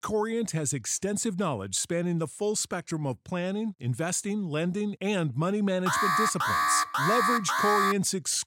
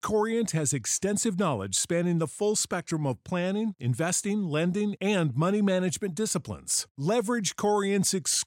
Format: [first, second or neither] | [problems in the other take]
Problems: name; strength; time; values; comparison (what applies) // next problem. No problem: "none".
second | alarm; loud; from 6 to 8 s; peak 5 dB above the speech